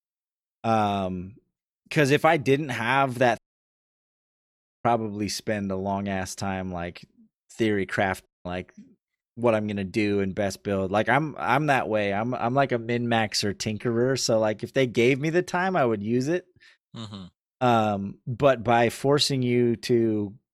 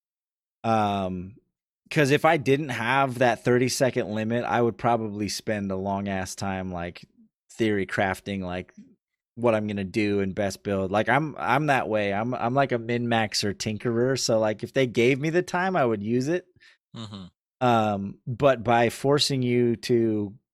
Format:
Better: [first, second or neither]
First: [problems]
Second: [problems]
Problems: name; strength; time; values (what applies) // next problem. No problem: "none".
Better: second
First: audio cutting out; at 3.5 s for 1.5 s and at 8.5 s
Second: none